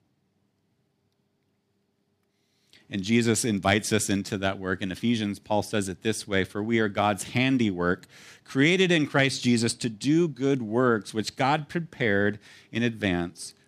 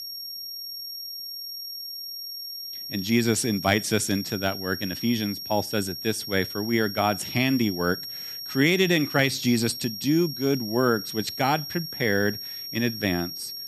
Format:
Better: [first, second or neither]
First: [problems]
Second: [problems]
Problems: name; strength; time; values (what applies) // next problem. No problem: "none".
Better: first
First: none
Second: high-pitched whine; loud; throughout; 5.5 kHz, 8 dB below the speech